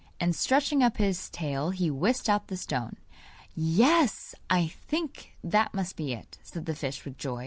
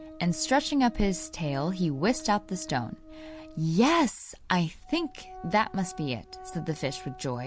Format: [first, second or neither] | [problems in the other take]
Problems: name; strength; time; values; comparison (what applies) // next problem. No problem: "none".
first | background sound (Organ); 18 dB below the speech